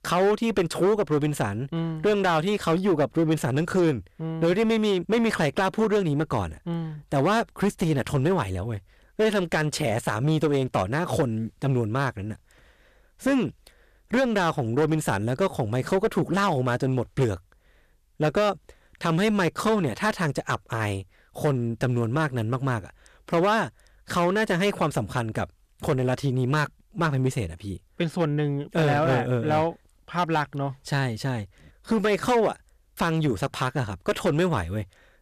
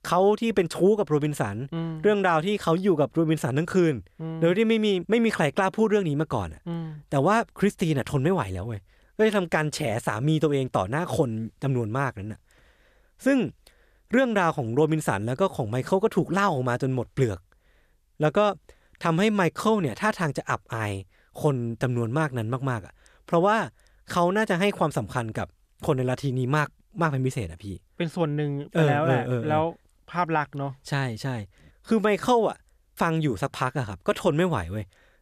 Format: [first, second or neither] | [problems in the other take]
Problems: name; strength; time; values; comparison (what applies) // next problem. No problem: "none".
second | distortion; slight; 9% of the sound clipped